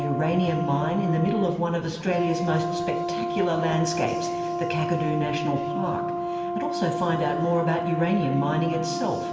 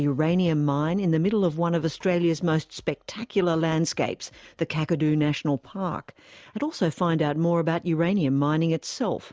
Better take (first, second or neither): second